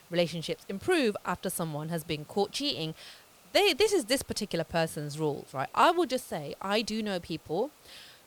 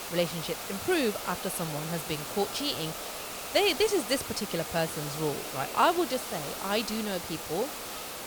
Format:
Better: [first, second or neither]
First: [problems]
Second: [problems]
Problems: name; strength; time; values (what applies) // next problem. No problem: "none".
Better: first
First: hiss; faint; throughout; 25 dB below the speech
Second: hiss; loud; throughout; 6 dB below the speech